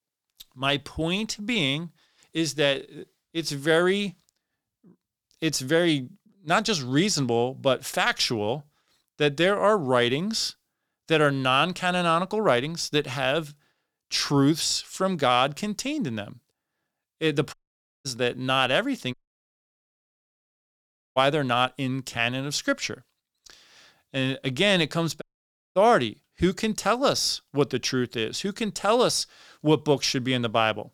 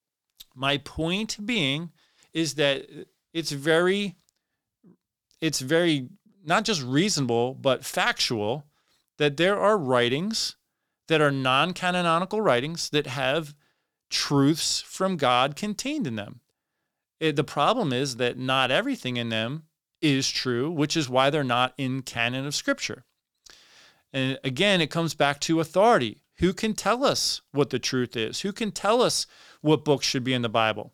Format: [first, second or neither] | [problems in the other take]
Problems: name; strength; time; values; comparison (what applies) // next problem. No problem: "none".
second | audio cutting out; at 18 s for 0.5 s, at 19 s for 2 s and at 25 s for 0.5 s